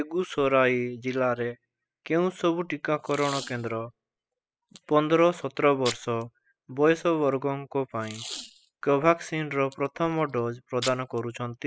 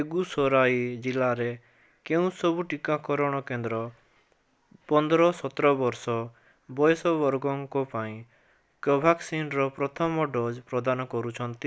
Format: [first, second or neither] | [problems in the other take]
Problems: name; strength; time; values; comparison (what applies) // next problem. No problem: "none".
second | noise reduction (classical method spectral subtraction)